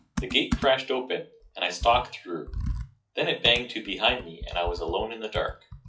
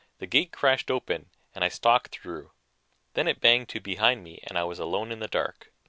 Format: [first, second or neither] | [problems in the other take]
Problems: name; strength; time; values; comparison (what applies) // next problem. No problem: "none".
second | noise reduction (classical method WPE with log-MMSE)